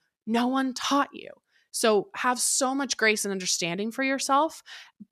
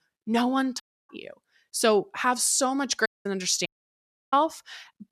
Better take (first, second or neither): first